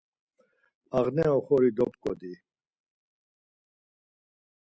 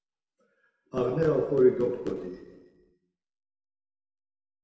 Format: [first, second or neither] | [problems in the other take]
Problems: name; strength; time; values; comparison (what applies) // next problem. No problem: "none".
first | room echo; dies away in 1.4 s